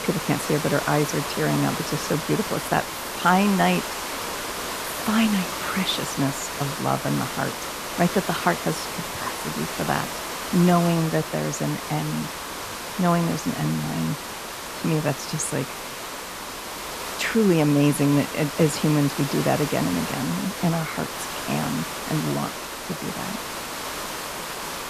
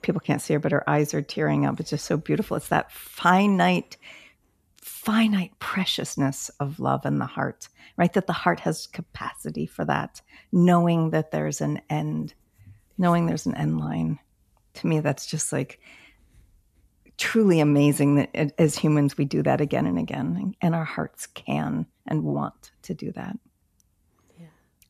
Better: second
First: hiss; loud; throughout; 6 dB below the speech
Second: none

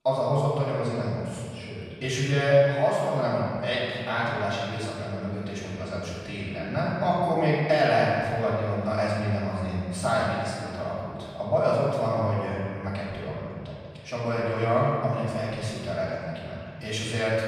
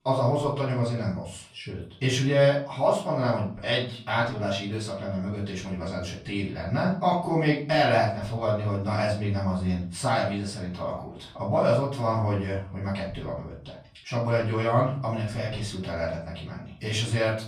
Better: second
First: room echo; strong; dies away in 2.1 s // off-mic speech; far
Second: room echo; slight; dies away in 0.4 s // off-mic speech; far

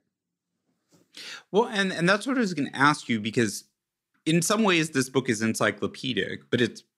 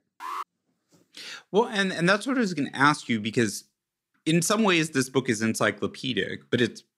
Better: first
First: none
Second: alarm; faint; at the start; peak 10 dB below the speech

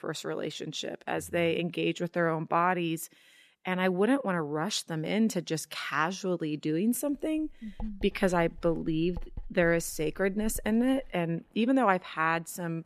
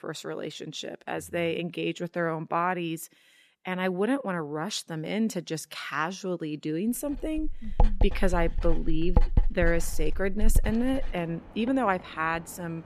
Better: first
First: household noises; faint; from 7.5 s on; 20 dB below the speech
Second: household noises; loud; from 7.5 s on; 2 dB below the speech

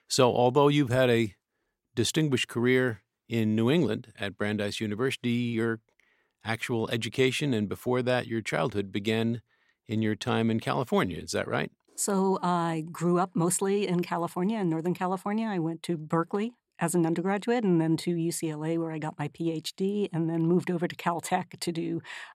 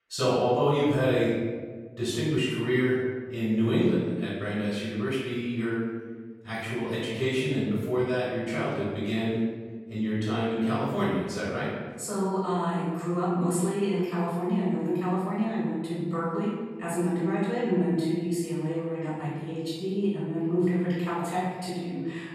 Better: first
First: none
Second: room echo; strong; dies away in 1.4 s // off-mic speech; far

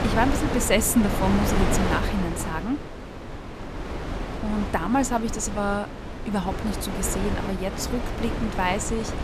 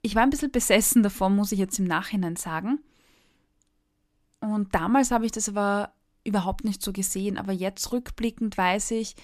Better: second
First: wind noise on the microphone; heavy; 4 dB below the speech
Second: none

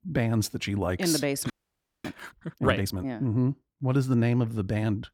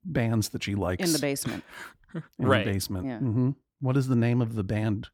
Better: second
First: audio freezing; at 1.5 s for 0.5 s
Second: none

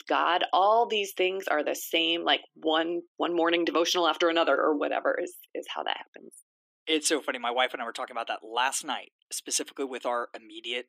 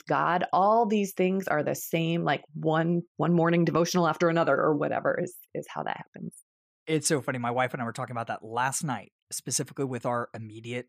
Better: second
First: thin; somewhat; fading below 300 Hz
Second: none

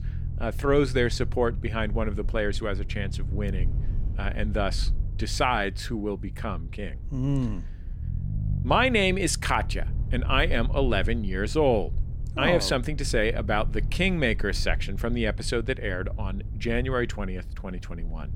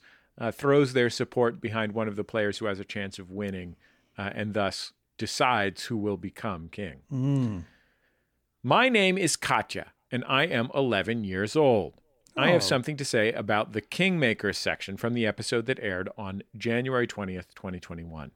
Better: second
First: low rumble; faint; throughout; 20 dB below the speech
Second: none

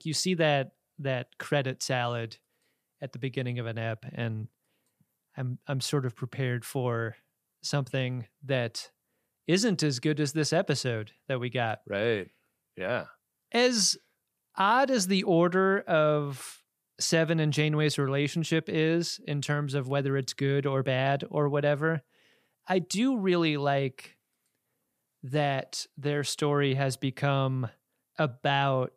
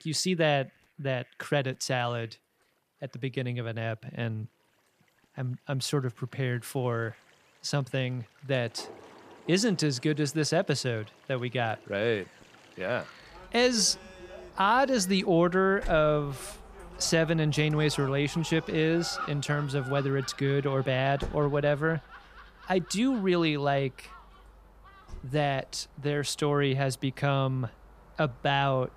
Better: first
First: none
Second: animal sounds; noticeable; throughout; 20 dB below the speech

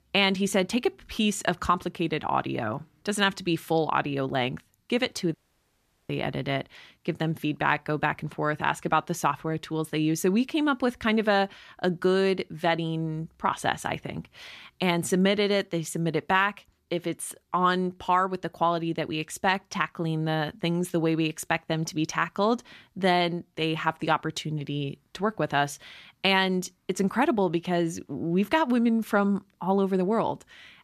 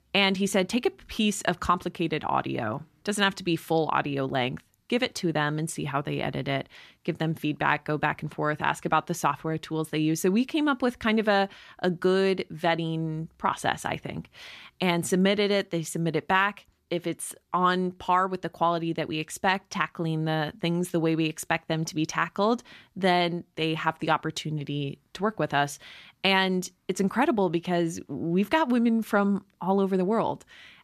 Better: second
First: audio cutting out; at 5.5 s for 0.5 s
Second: none

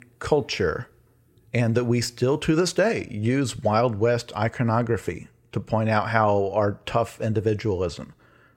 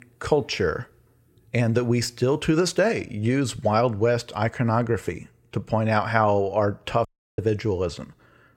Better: first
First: none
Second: audio cutting out; at 7 s

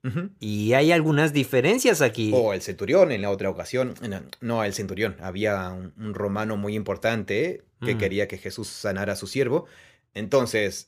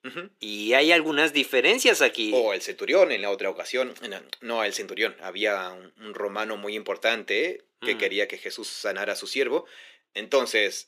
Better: first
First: none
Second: thin; somewhat; fading below 300 Hz

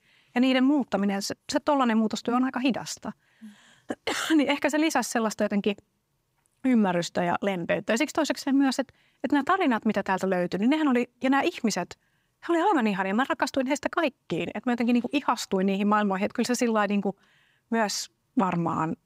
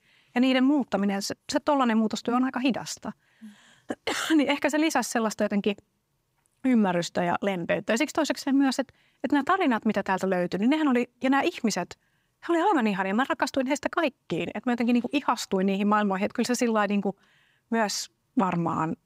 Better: neither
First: none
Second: none

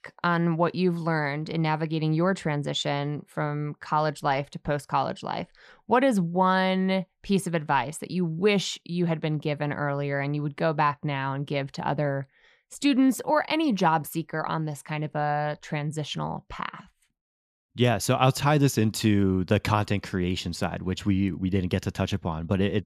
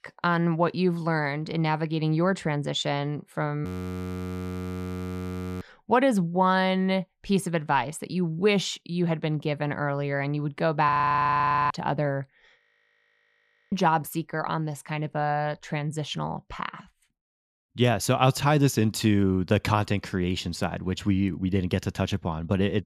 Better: first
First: none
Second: audio freezing; at 3.5 s for 2 s, at 11 s for 1 s and at 13 s for 1 s

